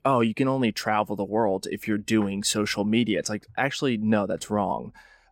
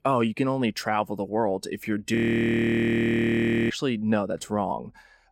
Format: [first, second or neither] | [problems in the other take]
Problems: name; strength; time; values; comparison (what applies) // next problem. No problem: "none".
first | audio freezing; at 2 s for 1.5 s